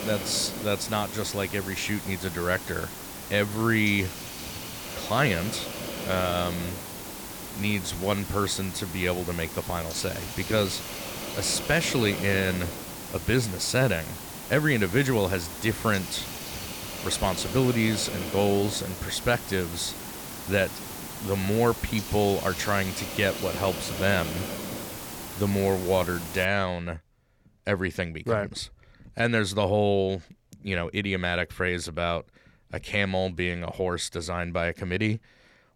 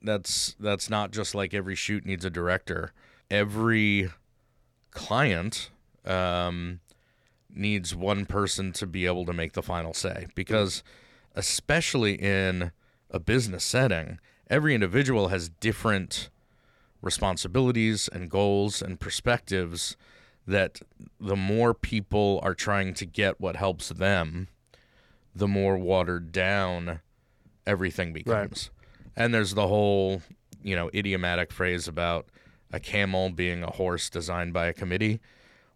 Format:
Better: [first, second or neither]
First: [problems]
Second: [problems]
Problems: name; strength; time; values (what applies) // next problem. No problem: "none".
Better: second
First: hiss; loud; until 26 s; 8 dB below the speech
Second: none